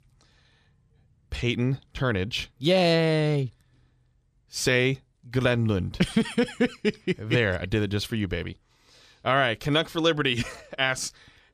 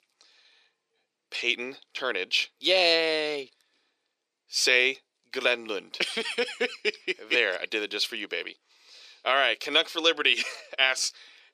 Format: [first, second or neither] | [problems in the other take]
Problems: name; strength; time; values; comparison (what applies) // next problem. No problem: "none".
first | thin; very; fading below 350 Hz